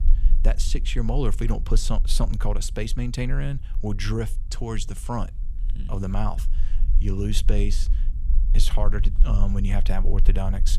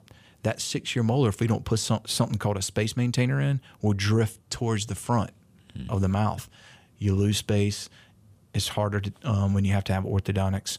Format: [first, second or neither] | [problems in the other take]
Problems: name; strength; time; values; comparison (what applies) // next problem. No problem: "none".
second | low rumble; noticeable; throughout; 20 dB below the speech